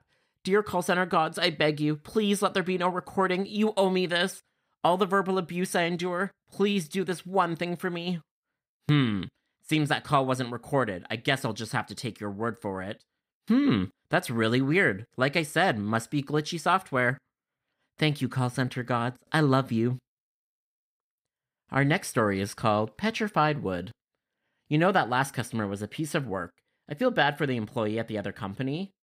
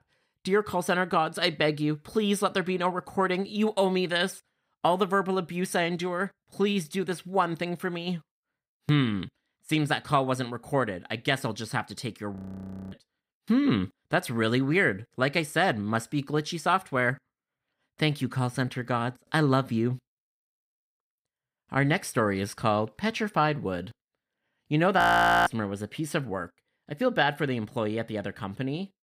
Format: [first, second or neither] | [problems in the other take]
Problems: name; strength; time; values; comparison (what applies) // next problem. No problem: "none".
first | audio freezing; at 12 s for 0.5 s and at 25 s